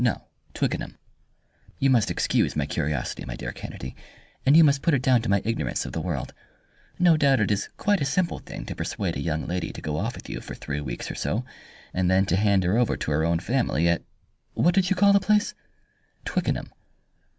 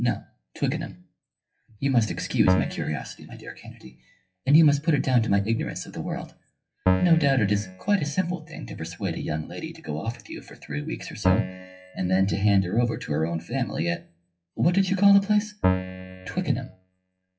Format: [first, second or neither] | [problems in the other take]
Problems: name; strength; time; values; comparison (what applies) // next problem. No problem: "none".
first | noise reduction (classical method WPE with log-MMSE)